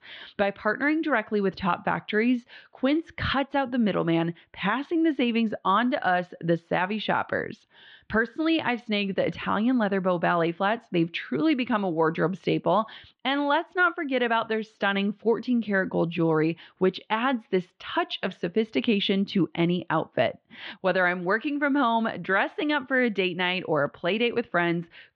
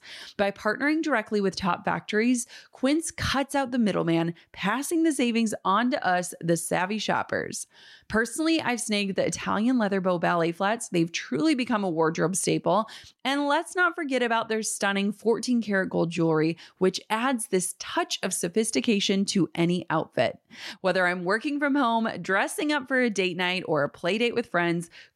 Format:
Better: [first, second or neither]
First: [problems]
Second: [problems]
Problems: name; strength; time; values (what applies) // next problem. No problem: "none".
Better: second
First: muffled; slightly; fading above 3.5 kHz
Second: none